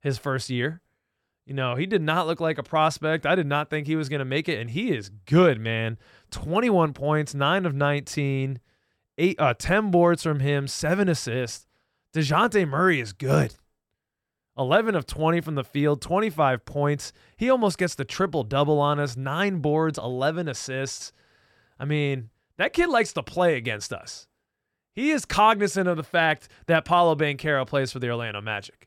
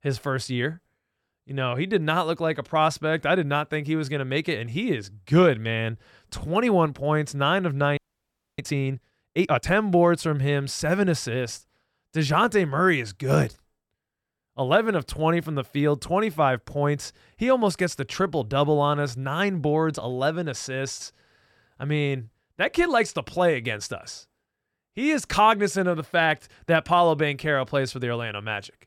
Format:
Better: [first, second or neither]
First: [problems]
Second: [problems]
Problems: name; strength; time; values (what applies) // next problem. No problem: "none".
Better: first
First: none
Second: audio freezing; at 8 s for 0.5 s